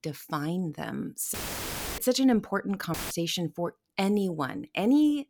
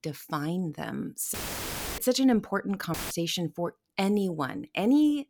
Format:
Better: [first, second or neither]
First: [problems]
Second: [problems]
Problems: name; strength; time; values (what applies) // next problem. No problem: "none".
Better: neither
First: audio cutting out; filled with static; at 1.5 s for 0.5 s and at 3 s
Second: audio cutting out; filled with static; at 1.5 s for 0.5 s and at 3 s